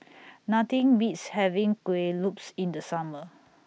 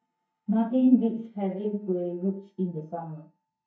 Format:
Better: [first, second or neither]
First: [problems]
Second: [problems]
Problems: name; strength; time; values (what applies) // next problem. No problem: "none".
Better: first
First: none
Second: noise reduction (neural mask model DeepFilterNet 3)